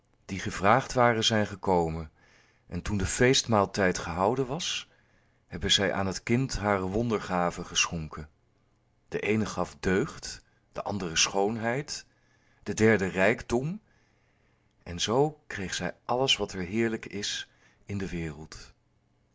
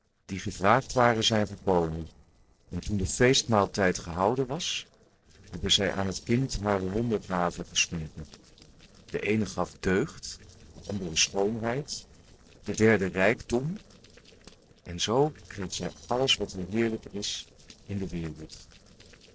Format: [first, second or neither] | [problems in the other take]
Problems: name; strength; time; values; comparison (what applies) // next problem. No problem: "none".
first | noise reduction (neural separator model SepFormer DNS4)